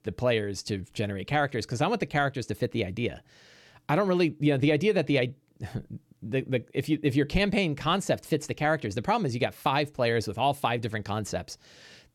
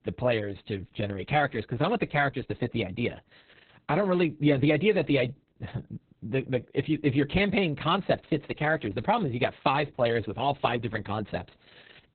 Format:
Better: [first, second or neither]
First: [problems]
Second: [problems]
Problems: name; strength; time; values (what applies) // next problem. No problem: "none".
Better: first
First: none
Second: garbled, watery; badly; nothing above 4 kHz